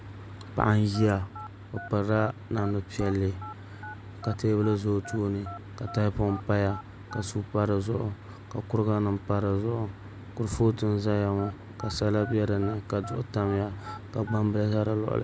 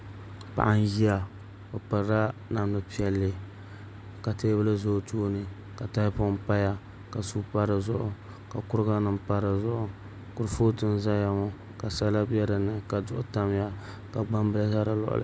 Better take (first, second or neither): second